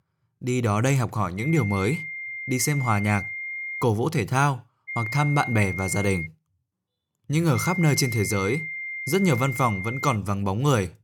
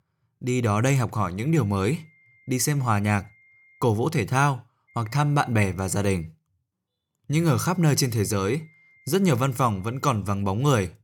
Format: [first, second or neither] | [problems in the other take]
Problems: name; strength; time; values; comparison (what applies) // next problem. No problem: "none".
second | high-pitched whine; loud; from 1.5 to 4 s, from 5 to 6.5 s and from 7.5 to 10 s; 2 kHz, 7 dB below the speech; faint in the second